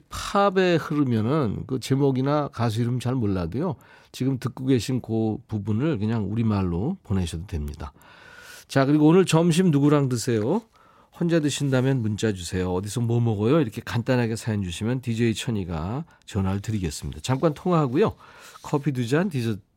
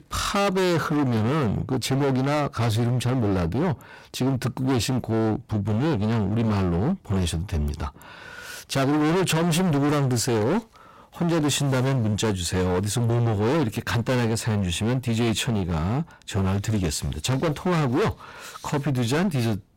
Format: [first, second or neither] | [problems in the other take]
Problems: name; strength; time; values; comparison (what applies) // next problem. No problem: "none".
first | distortion; heavy; 28% of the sound clipped